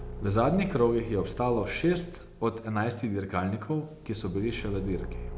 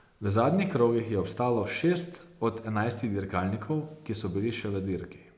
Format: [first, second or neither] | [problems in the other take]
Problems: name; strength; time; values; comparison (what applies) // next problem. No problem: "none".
second | background sound (Engine / Car); 11 dB below the speech